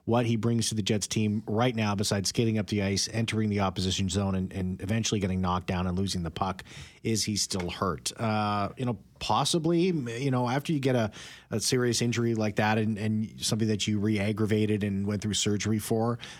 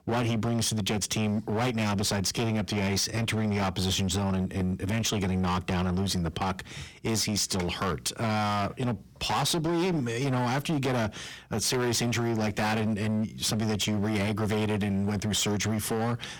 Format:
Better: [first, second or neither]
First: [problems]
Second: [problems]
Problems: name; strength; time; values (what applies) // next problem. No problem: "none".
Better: first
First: none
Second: distortion; heavy; 25% of the sound clipped